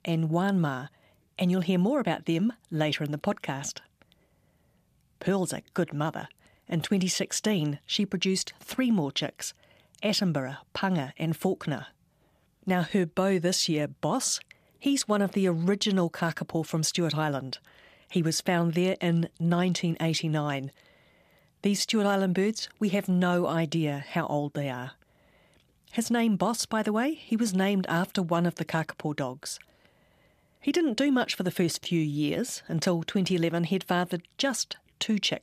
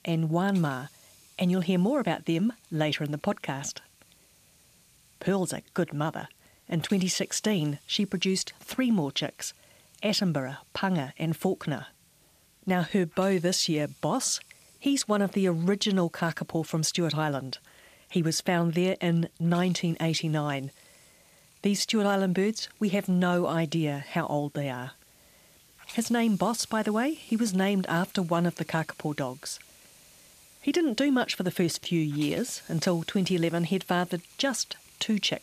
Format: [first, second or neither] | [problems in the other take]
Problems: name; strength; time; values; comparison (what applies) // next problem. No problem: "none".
first | hiss; faint; throughout; 25 dB below the speech